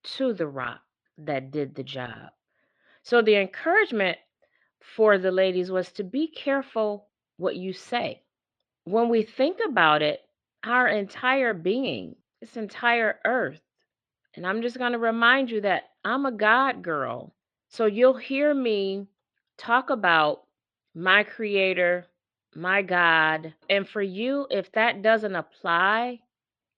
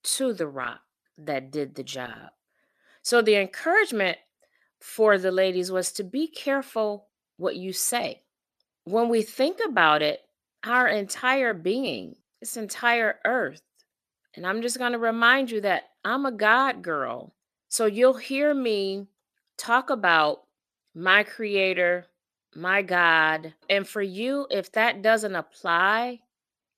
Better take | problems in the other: second | muffled; slightly; fading above 3.5 kHz

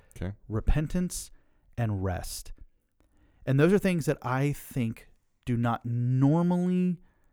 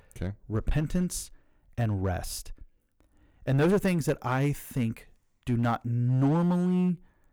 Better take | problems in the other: first | distortion; slight; 4% of the sound clipped

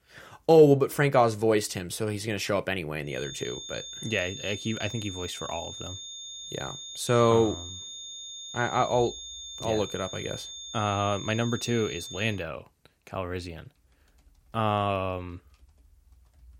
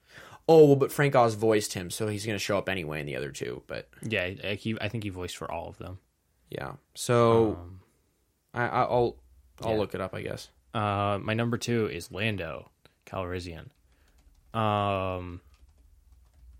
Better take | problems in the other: second | high-pitched whine; noticeable; from 3 to 12 s; 3.5 kHz, 10 dB below the speech

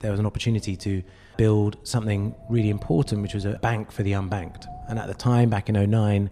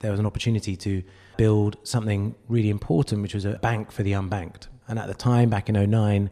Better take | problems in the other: second | wind noise on the microphone; occasional gusts; 15 dB below the speech

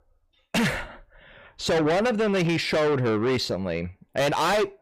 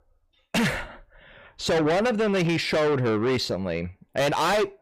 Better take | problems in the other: neither | distortion; heavy; 6 dB below the speech; the same in both

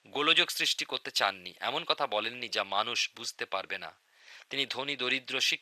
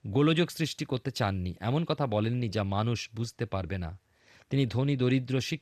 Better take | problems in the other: second | thin; very; fading below 850 Hz

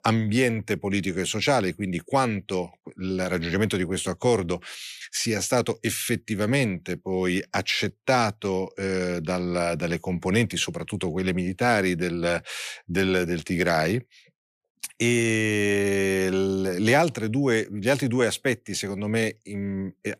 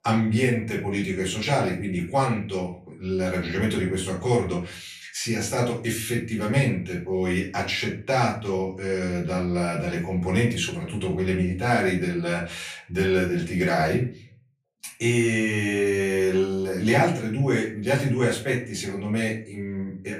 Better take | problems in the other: first | room echo; slight; dies away in 0.4 s // off-mic speech; far

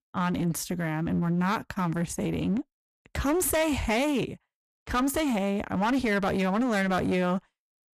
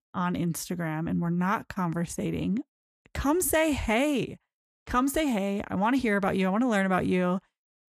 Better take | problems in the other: second | distortion; slight; 16% of the sound clipped

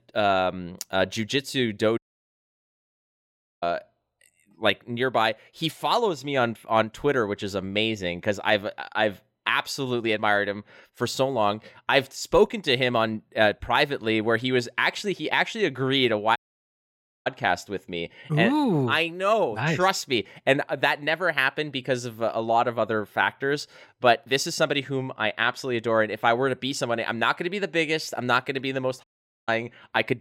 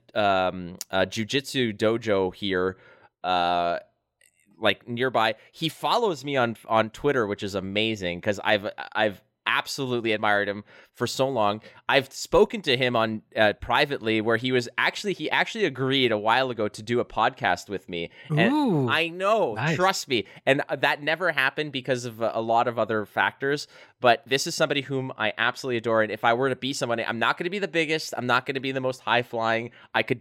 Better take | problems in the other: second | audio cutting out; at 2 s for 1.5 s, at 16 s for 1 s and at 29 s

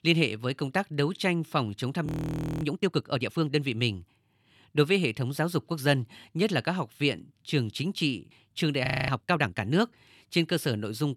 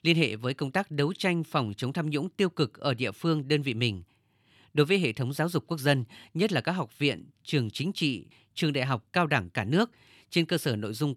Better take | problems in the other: second | audio freezing; at 2 s for 0.5 s and at 9 s

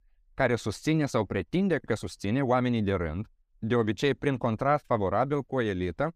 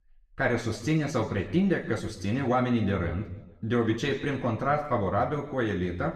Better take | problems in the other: first | room echo; slight; dies away in 0.9 s // off-mic speech; somewhat distant

